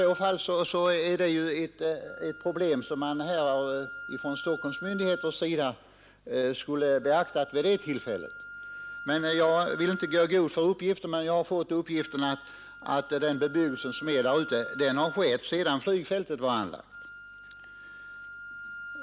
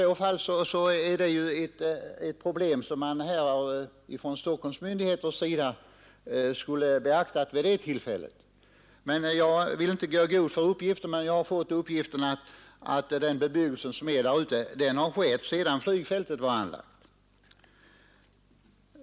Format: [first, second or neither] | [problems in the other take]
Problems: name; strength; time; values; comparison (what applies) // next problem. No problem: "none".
second | background sound (Wind instrument, woodwind instrument); 14 dB below the speech